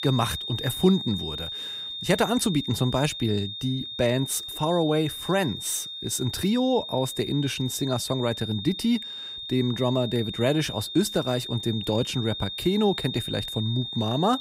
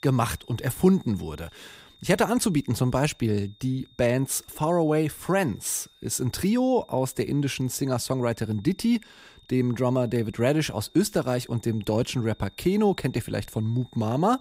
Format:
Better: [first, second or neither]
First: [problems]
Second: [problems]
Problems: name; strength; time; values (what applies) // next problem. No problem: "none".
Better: second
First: high-pitched whine; loud; throughout; 3.5 kHz, 7 dB below the speech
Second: high-pitched whine; faint; throughout; 3.5 kHz, 30 dB below the speech